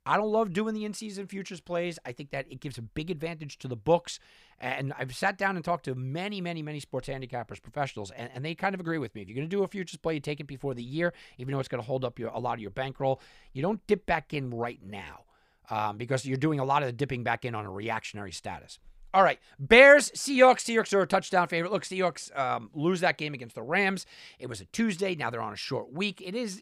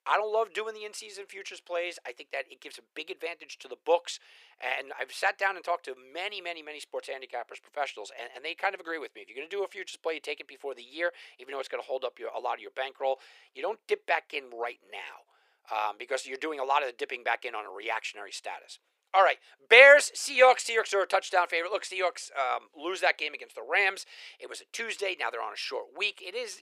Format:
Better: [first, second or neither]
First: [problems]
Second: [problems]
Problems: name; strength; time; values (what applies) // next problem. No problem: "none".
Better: first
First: none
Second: thin; very; fading below 400 Hz